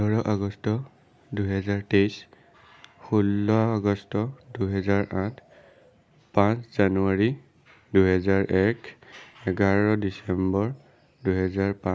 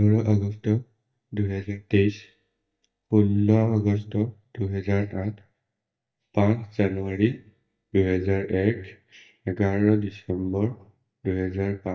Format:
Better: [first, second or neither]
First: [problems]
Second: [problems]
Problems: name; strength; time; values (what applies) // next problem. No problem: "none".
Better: first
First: none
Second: noise reduction (neural mask model DeepFilterNet 3)